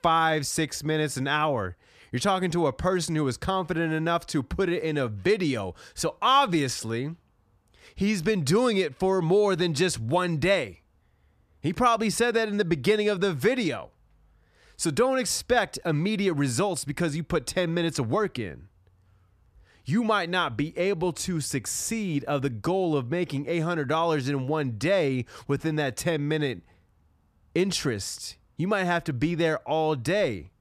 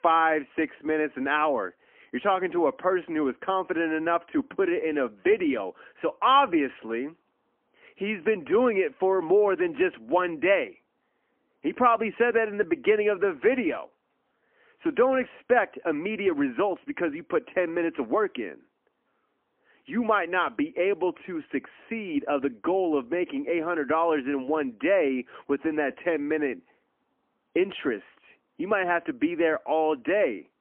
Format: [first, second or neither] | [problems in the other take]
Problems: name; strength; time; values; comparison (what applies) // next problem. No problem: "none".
first | phone-call audio; poor line; nothing above 3 kHz